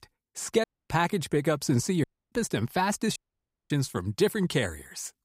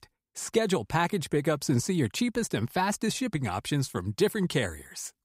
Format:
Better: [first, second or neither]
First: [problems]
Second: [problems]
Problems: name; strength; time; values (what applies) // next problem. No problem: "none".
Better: second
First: audio cutting out; at 0.5 s, at 2 s and at 3 s for 0.5 s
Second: none